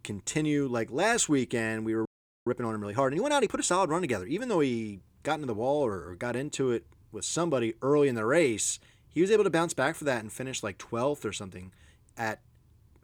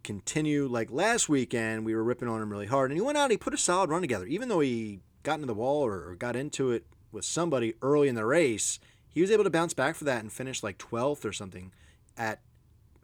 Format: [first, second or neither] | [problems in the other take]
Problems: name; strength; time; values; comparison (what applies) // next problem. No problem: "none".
second | audio freezing; at 2 s